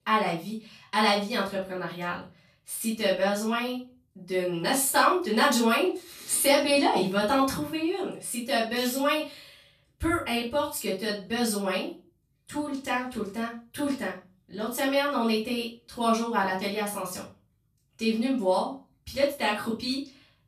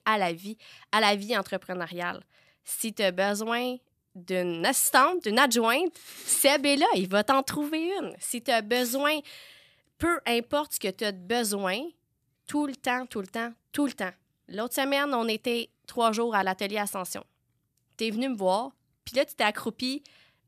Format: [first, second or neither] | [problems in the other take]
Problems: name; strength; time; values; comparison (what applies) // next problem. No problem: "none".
second | off-mic speech; far // room echo; slight; dies away in 0.3 s